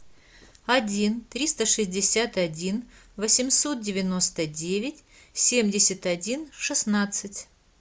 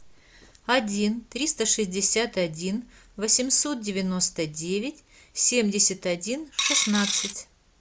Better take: first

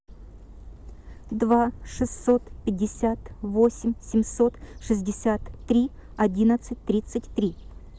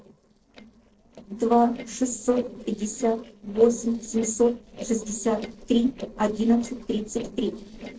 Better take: first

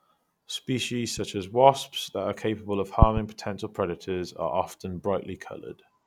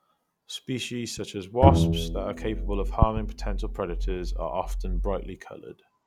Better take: first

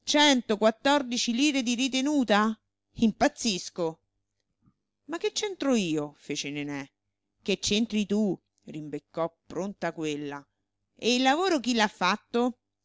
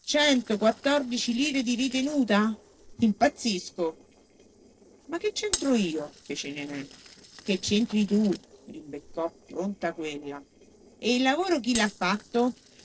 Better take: first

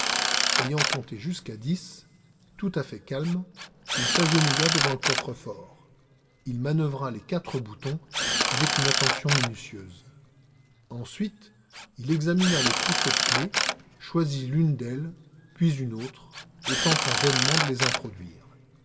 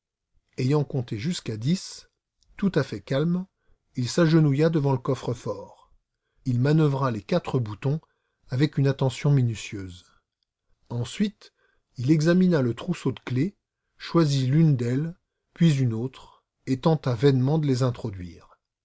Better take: second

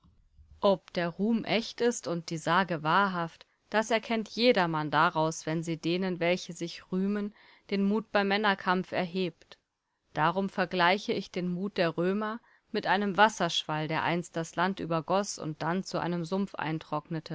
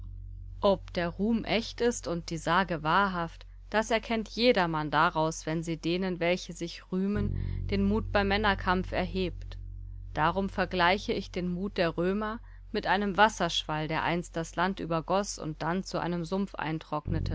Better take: first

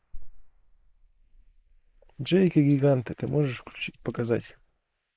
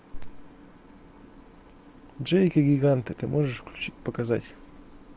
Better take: second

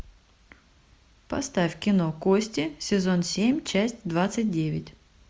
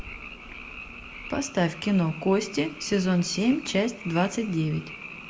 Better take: first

